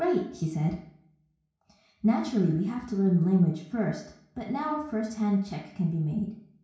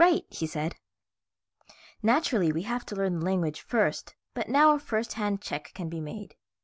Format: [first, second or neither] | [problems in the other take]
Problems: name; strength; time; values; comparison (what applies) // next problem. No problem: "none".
second | room echo; dies away in 0.6 s